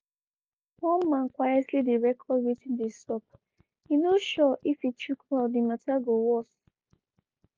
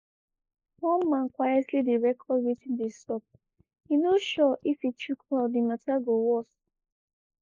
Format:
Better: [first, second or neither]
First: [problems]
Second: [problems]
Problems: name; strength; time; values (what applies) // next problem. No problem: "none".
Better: first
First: none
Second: noise reduction (neural mask model Resemble Enhance denoiser)